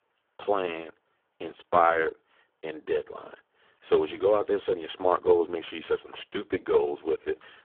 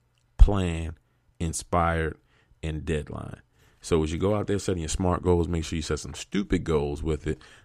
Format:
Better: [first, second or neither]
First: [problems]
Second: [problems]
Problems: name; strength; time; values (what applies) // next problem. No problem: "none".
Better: second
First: phone-call audio; poor line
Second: none